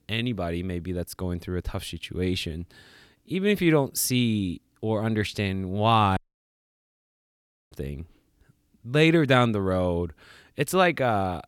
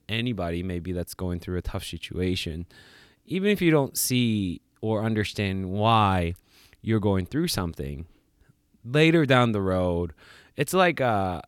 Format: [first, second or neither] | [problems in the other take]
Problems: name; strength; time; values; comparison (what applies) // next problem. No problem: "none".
second | audio cutting out; at 6 s for 1.5 s